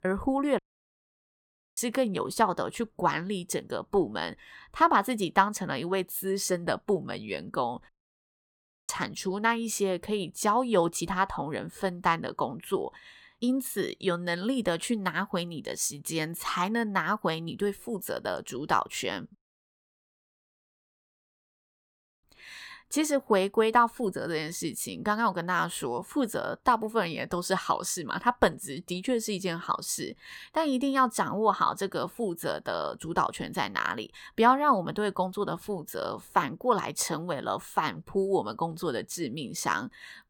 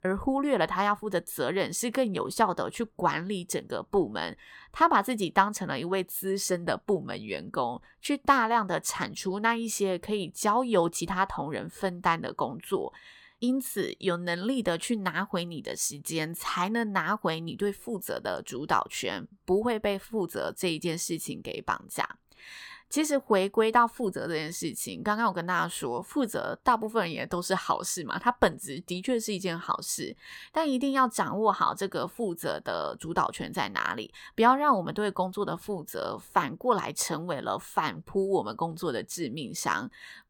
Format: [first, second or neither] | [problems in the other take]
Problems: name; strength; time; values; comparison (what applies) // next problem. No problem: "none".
second | audio cutting out; at 0.5 s for 1 s, at 8 s for 1 s and at 19 s for 3 s